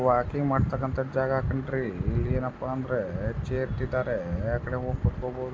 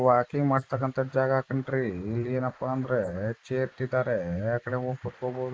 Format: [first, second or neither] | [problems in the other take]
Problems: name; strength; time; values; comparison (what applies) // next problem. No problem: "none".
first | noise reduction (neural mask model Resemble Enhance denoiser)